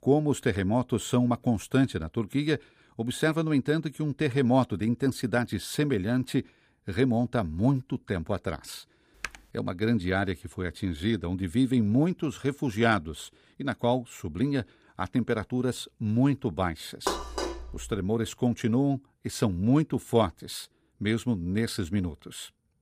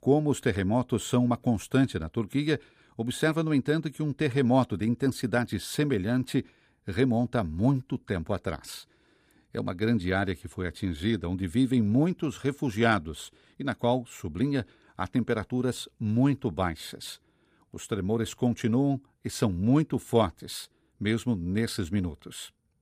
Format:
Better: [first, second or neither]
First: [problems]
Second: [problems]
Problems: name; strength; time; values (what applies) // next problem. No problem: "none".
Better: second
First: keyboard typing; faint; at 9 s; peak 10 dB below the speech // clattering dishes; noticeable; at 17 s; peak 3 dB below the speech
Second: none